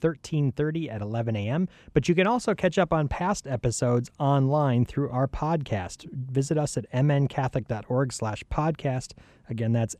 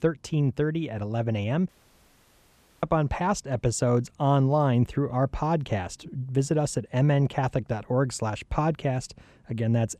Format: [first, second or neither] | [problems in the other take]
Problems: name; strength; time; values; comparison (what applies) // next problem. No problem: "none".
first | audio cutting out; at 1.5 s for 1 s